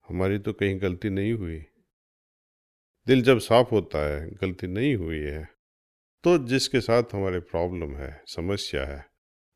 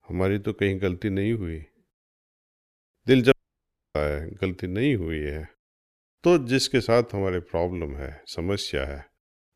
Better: first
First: none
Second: audio cutting out; at 3.5 s for 0.5 s

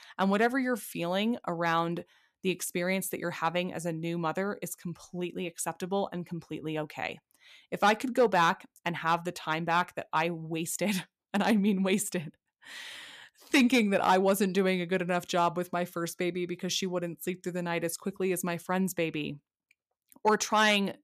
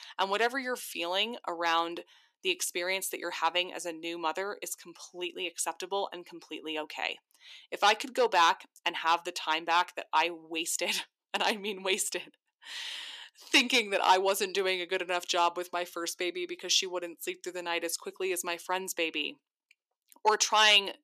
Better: first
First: none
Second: thin; somewhat; fading below 350 Hz

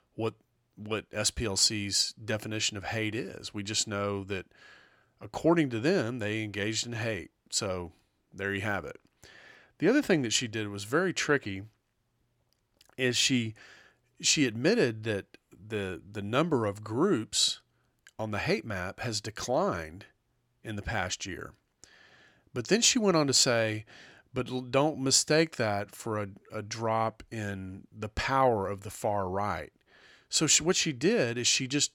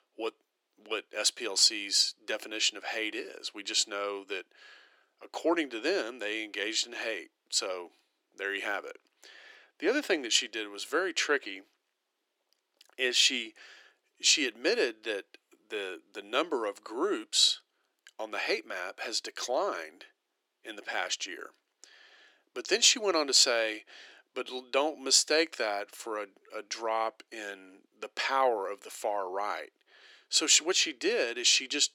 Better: first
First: none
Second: thin; somewhat; fading below 350 Hz

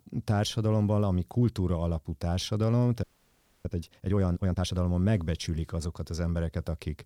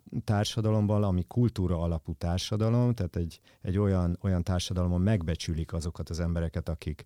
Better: second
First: audio freezing; at 3 s for 0.5 s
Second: none

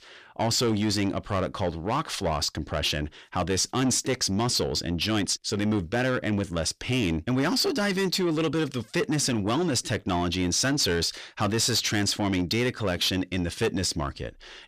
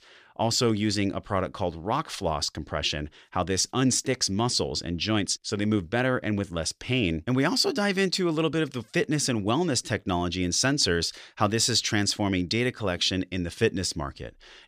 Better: second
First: distortion; slight; 10 dB below the speech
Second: none

